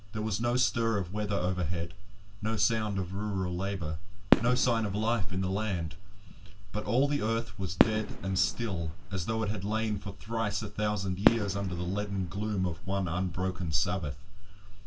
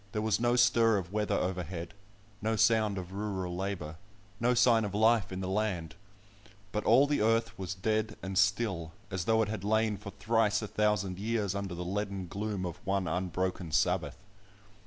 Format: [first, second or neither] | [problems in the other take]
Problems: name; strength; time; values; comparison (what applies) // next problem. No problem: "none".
second | background sound (Fireworks); 6 dB below the speech // room echo; dies away in 0.1 s